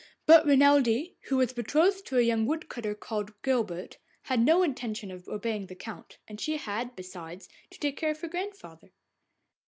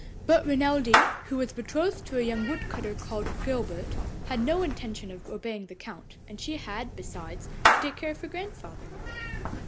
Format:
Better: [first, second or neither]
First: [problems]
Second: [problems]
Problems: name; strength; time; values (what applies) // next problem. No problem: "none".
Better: first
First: none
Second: background sound (Meow / Clapping); as loud as the speech